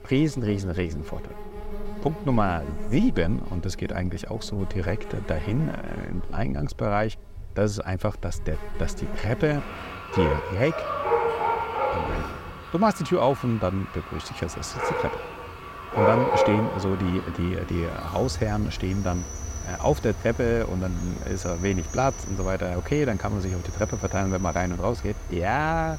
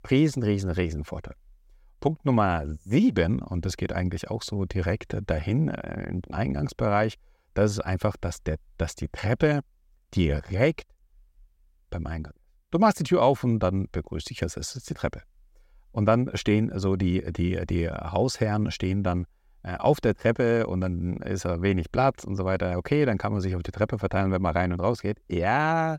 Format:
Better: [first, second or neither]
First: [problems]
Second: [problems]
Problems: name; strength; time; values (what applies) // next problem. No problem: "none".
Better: second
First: animal sounds; loud; throughout; 5 dB below the speech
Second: none